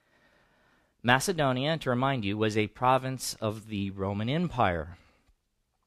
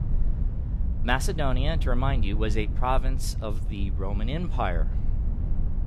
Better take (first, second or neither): first